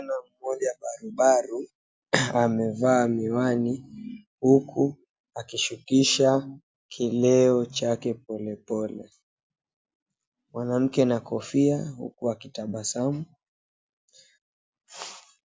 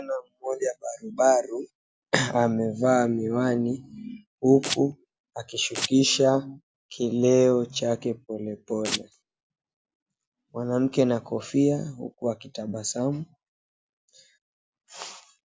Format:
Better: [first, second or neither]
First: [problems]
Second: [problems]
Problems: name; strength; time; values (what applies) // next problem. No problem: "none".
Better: first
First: none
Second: background sound (Domestic sounds, home sounds); 7 dB below the speech